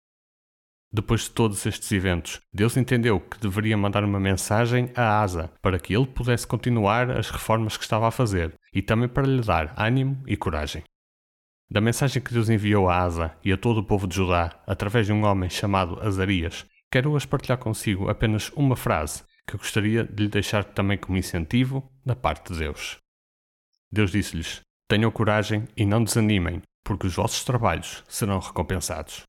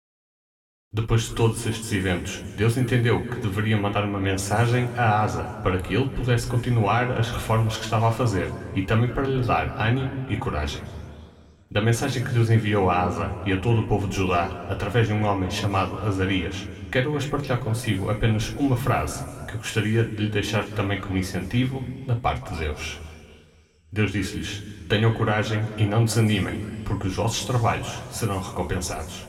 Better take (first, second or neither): first